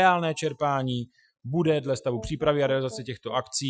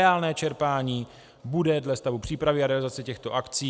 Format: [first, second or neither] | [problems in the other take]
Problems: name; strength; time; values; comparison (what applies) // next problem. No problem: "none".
second | noise reduction (classical method Wiener filter)